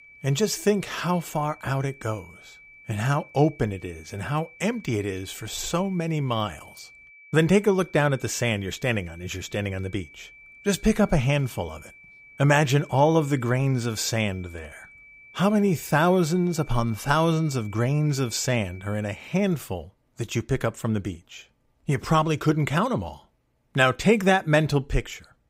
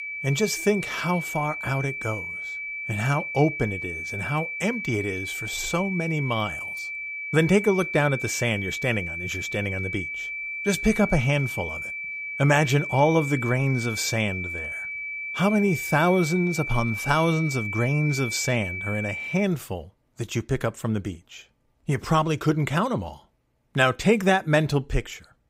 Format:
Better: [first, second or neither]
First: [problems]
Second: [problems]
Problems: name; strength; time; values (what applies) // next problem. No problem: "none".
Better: first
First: high-pitched whine; faint; until 19 s; 2.5 kHz, 25 dB below the speech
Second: high-pitched whine; loud; until 19 s; 2.5 kHz, 5 dB below the speech